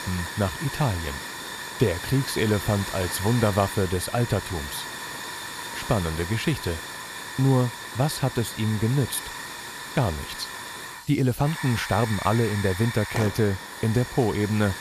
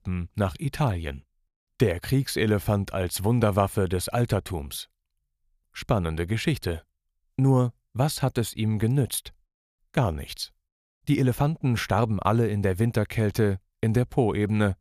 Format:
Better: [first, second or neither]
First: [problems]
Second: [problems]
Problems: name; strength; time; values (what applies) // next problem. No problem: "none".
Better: second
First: hiss; loud; throughout; 8 dB below the speech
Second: none